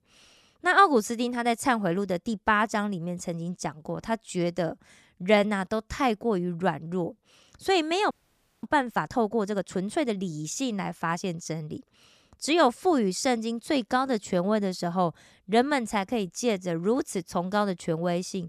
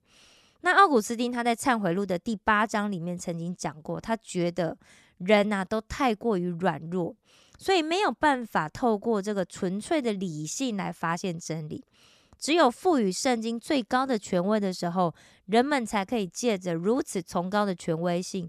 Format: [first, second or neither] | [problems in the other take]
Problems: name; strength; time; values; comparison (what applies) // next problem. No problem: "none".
second | audio freezing; at 8 s for 0.5 s